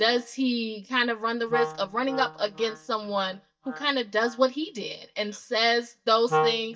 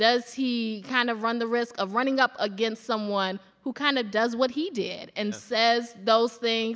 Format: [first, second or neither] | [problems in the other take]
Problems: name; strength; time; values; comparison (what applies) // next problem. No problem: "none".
second | noise reduction (neural mask model DeepFilterNet 3)